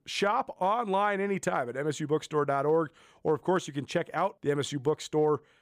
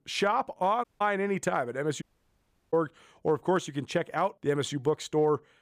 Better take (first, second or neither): first